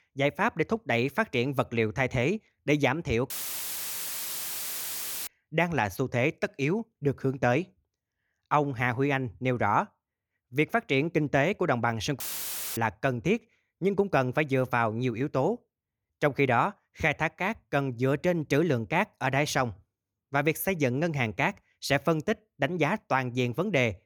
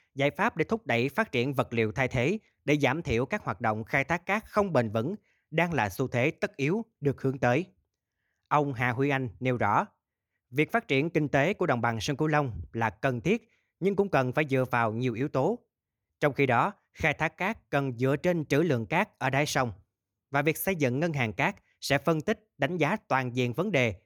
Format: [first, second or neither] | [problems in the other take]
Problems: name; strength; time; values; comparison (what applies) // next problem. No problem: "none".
second | audio cutting out; filled with static; at 3.5 s for 2 s and at 12 s for 0.5 s